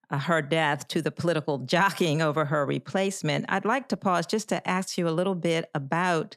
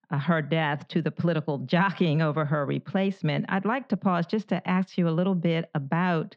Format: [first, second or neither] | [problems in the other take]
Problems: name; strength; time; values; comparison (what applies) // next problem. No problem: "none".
first | muffled; slightly; fading above 4 kHz